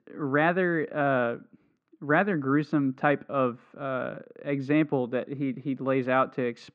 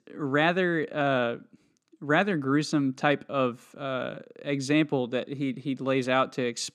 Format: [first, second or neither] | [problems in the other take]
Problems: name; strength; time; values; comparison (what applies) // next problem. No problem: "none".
second | muffled; very; fading above 1.5 kHz